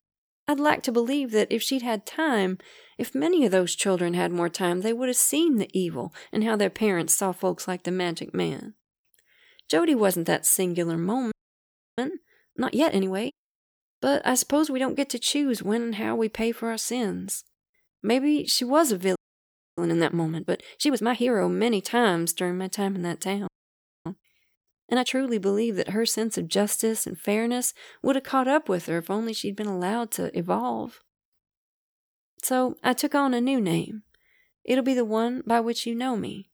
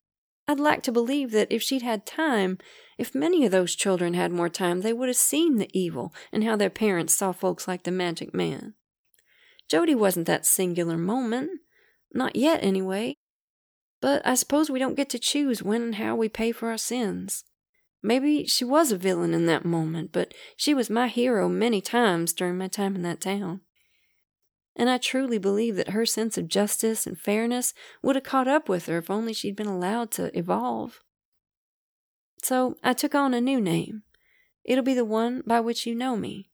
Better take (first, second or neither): second